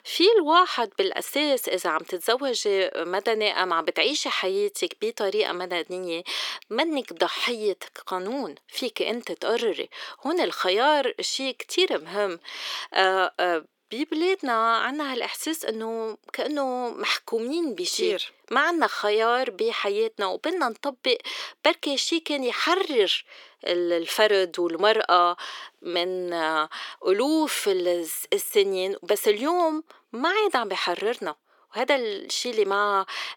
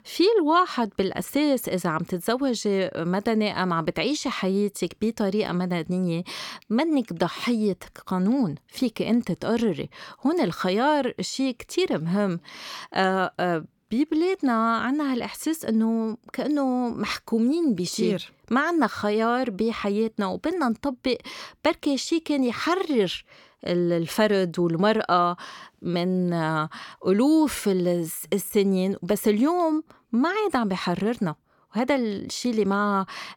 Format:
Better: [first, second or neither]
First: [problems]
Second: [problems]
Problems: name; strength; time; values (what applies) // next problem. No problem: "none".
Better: second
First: thin; somewhat; fading below 400 Hz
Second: none